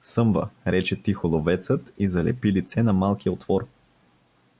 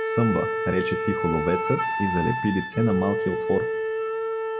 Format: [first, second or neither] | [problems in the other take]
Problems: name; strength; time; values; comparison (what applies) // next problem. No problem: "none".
first | background sound (Wind instrument, woodwind instrument); 1 dB below the speech // room echo; dies away in 0.5 s